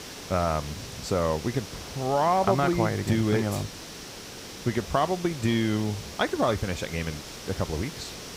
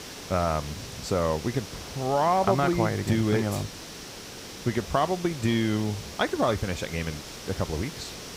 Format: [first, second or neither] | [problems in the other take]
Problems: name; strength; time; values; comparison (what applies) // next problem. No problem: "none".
neither | hiss; noticeable; throughout; 10 dB below the speech; the same in both